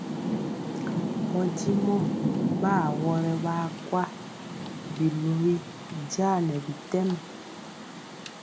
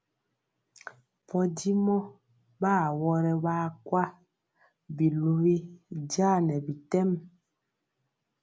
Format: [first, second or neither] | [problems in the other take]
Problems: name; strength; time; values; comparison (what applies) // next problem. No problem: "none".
second | background sound (Rain); 3 dB below the speech